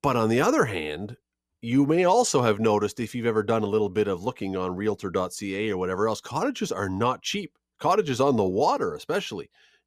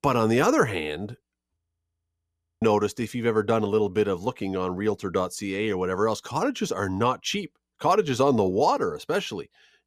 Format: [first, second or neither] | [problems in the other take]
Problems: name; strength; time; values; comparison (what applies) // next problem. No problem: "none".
first | audio freezing; at 1.5 s for 1 s